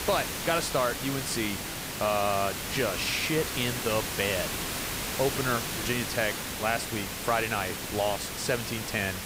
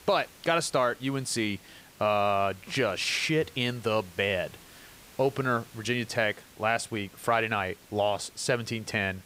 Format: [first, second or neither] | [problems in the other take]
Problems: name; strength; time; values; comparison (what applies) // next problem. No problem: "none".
second | hiss; loud; throughout; 2 dB below the speech; faint in the second